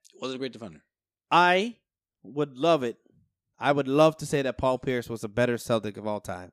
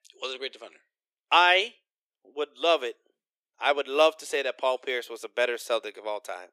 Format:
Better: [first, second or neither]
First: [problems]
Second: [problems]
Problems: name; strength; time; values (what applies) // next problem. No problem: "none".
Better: first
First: none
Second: thin; very; fading below 400 Hz